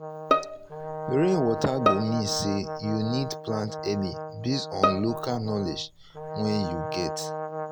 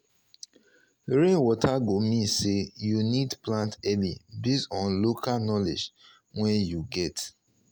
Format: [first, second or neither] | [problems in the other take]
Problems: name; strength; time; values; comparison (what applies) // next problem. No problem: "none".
second | background sound (Brass instrument + Bowed string instrument); 2 dB below the speech